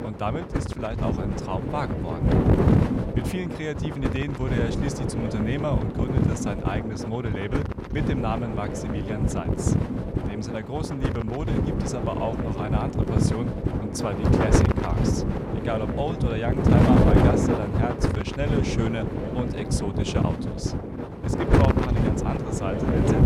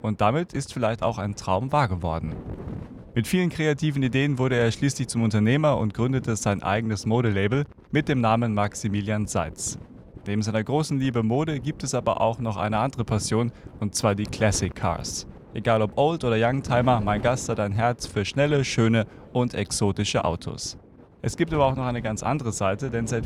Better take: second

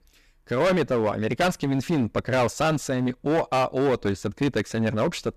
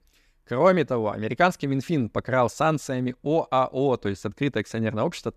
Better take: second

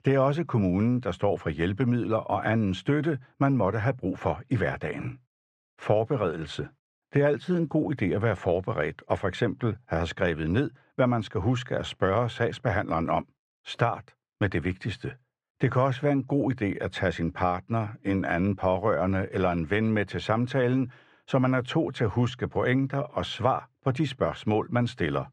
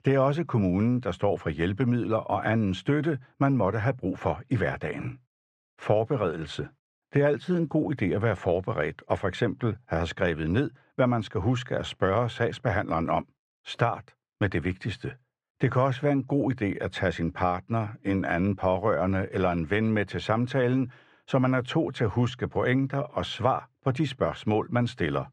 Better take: neither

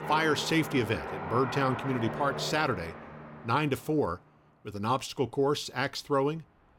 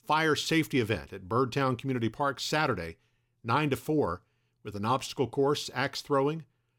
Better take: second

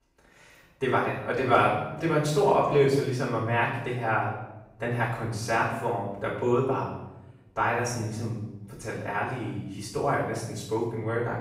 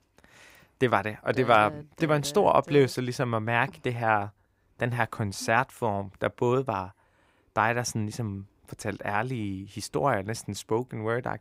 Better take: second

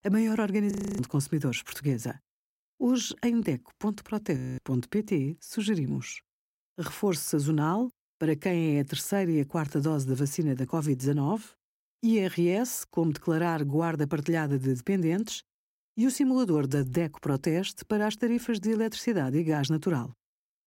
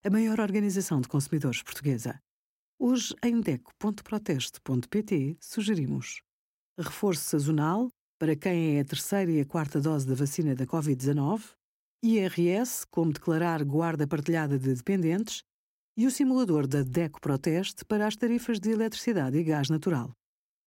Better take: second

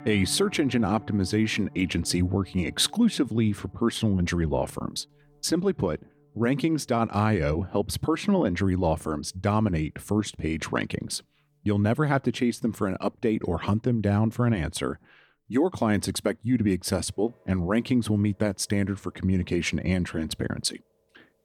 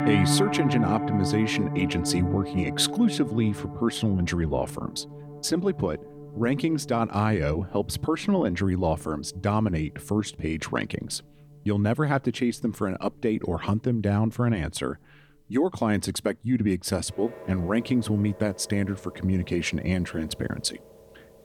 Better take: first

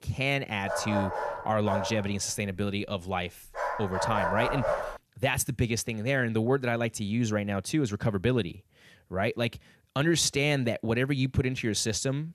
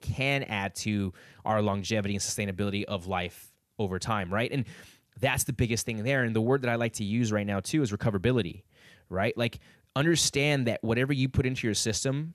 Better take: second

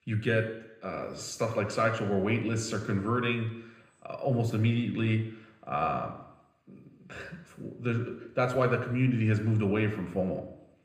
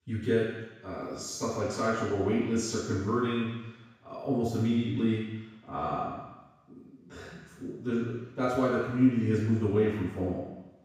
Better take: first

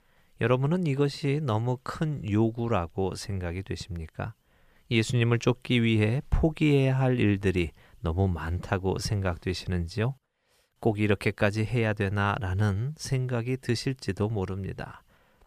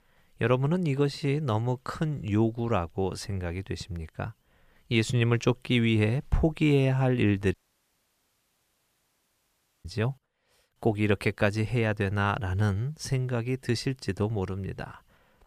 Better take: first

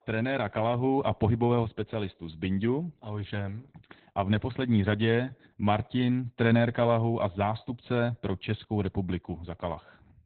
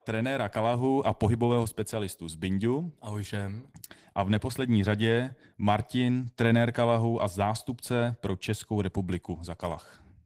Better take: second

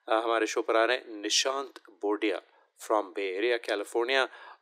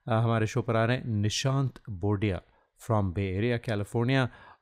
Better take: second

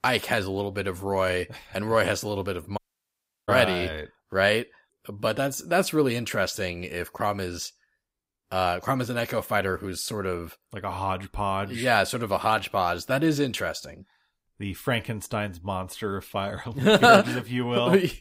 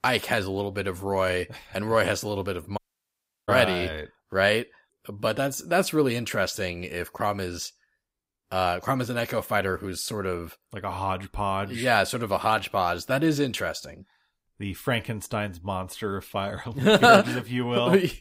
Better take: neither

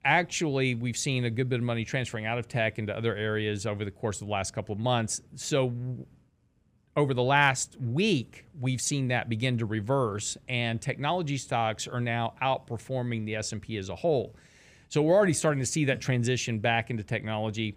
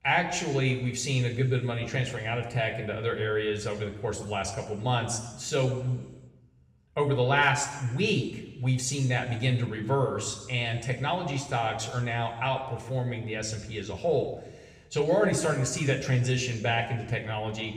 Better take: first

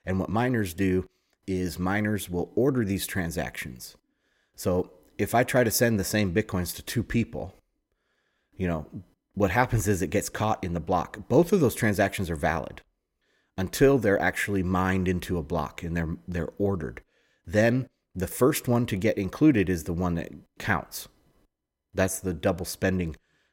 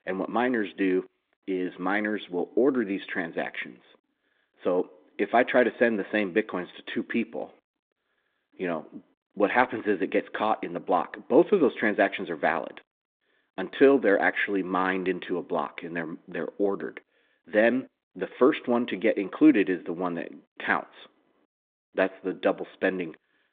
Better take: first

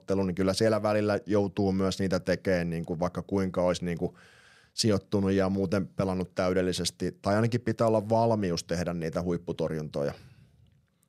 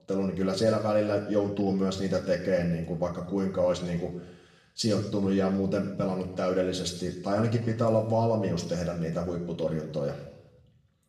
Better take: first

